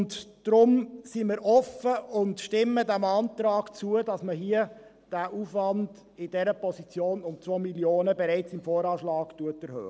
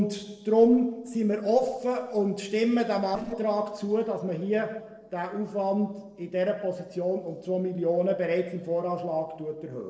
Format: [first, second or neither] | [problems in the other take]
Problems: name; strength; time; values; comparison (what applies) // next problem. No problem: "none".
first | noise reduction (neural separator model SepFormer DNS4)